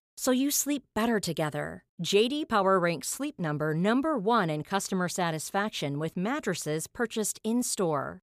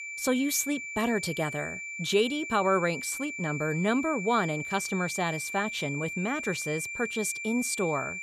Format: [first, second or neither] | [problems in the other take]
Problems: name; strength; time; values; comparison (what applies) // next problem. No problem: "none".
first | high-pitched whine; loud; throughout; 2.5 kHz, 6 dB below the speech